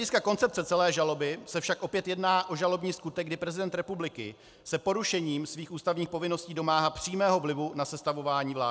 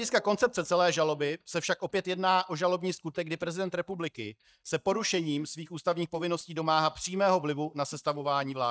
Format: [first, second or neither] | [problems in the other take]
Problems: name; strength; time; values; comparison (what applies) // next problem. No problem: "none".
first | noise reduction (neural mask model DeepFilterNet 3)